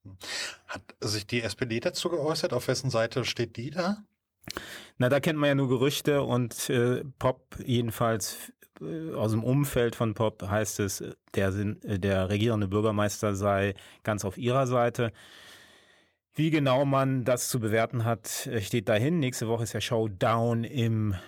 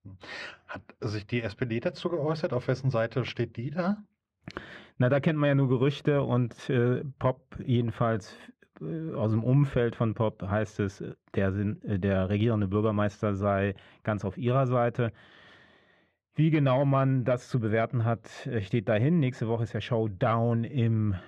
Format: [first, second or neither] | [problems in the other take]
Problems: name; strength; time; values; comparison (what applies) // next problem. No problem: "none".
first | muffled; slightly; fading above 2.5 kHz